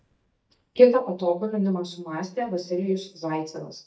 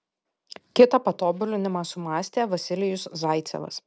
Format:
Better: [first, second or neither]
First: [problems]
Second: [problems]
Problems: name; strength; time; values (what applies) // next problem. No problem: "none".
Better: second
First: noise reduction (neural mask model DeepFilterNet 3)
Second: none